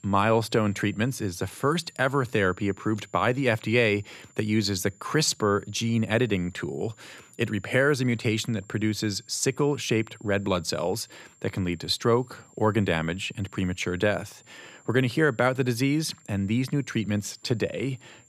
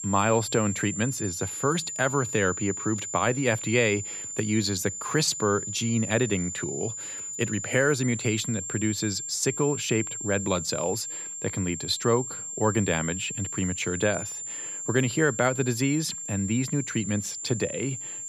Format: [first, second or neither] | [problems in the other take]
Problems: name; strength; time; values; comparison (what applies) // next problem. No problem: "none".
first | high-pitched whine; loud; throughout; 7.5 kHz, 5 dB below the speech; faint in the first